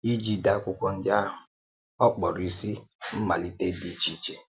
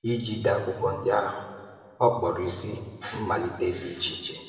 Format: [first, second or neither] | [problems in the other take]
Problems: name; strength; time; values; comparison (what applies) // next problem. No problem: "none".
first | room echo; dies away in 1.5 s